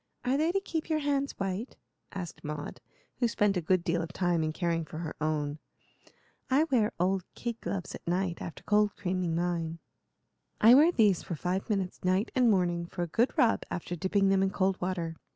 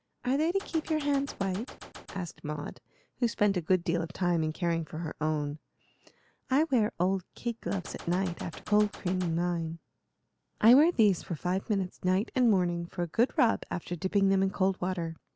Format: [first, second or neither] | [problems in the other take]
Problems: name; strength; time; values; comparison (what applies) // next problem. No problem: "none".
first | background sound (Gunshot, gunfire); 16 dB below the speech